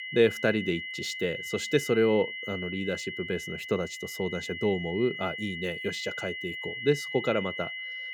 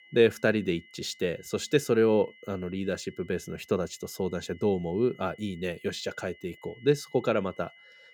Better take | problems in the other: second | high-pitched whine; loud; throughout; 2 kHz, 6 dB below the speech; faint in the second

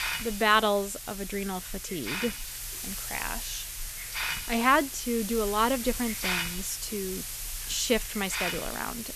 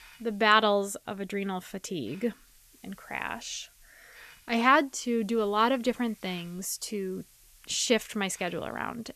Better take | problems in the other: second | hiss; loud; throughout; 5 dB below the speech; faint in the second

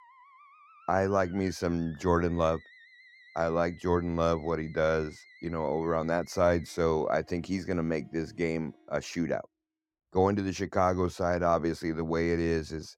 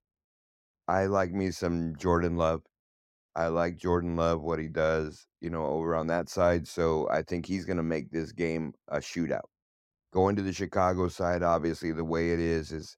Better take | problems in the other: second | background music; faint; until 9 s; 25 dB below the speech

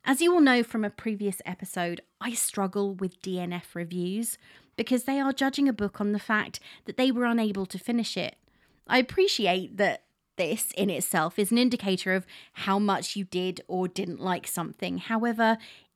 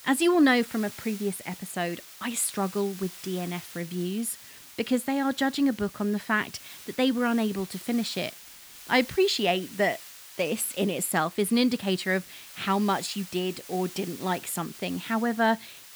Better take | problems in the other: first | hiss; noticeable; throughout; 15 dB below the speech

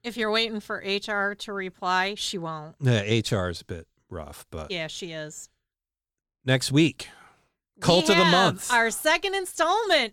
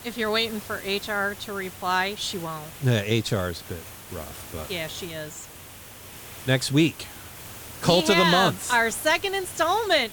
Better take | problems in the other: first | hiss; noticeable; throughout; 15 dB below the speech

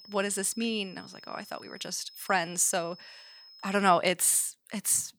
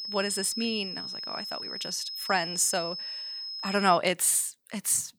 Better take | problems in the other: first | high-pitched whine; loud; until 4 s; 5 kHz, 7 dB below the speech; faint in the first

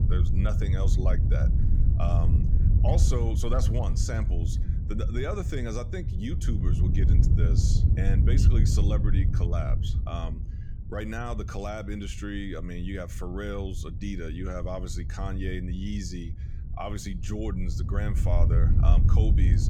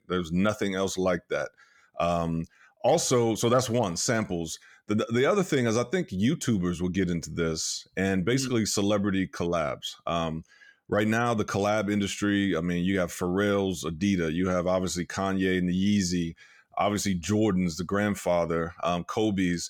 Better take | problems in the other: second | wind noise on the microphone; heavy; 4 dB below the speech

